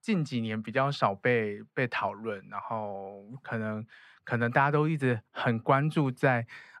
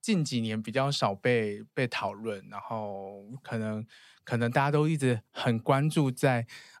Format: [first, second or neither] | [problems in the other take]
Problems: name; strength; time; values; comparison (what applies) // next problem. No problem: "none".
second | muffled; slightly; fading above 4 kHz